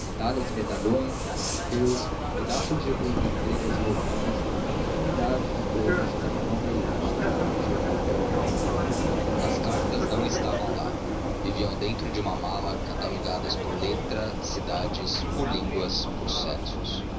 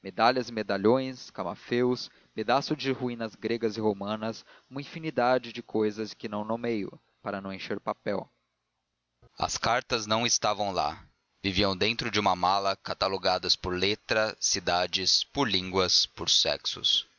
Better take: second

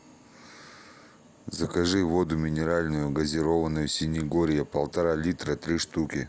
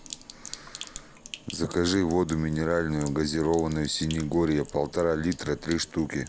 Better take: first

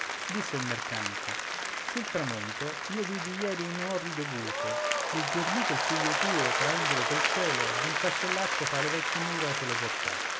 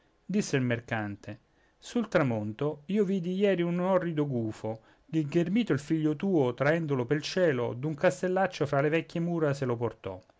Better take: second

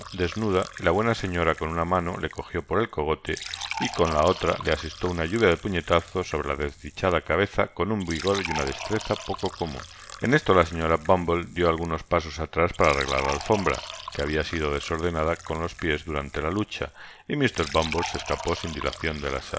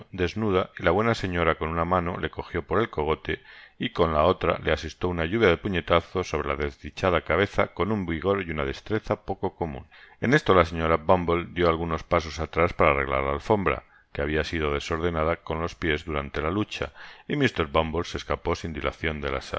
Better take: second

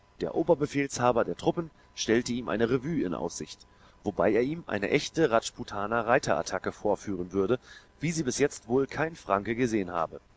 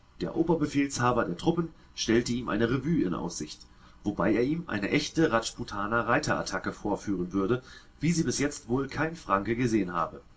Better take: first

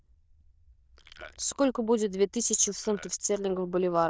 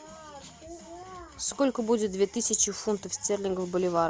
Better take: second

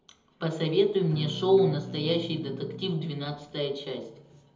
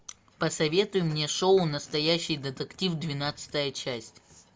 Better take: second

